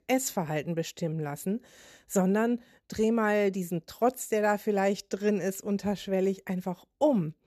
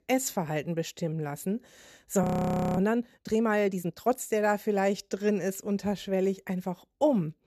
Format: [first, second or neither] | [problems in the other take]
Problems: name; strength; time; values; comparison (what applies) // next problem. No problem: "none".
first | audio freezing; at 2 s for 0.5 s